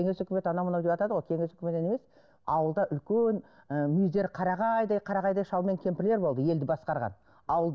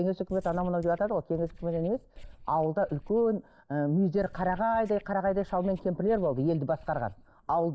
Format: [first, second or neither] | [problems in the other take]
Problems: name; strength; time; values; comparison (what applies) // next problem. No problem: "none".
first | noise reduction (neural mask model DeepFilterNet 3)